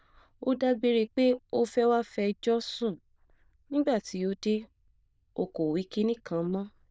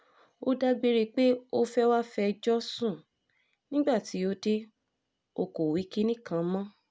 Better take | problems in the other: second | noise reduction (neural diffusion model UNIVERSE++)

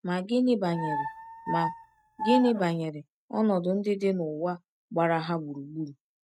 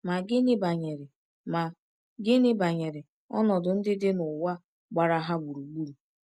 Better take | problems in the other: second | noise reduction (neural mask model RNNoise)

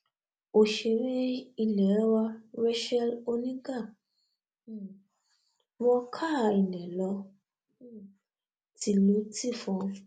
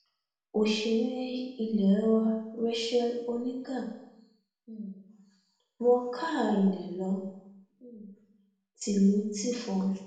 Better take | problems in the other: first | room echo; dies away in 0.8 s

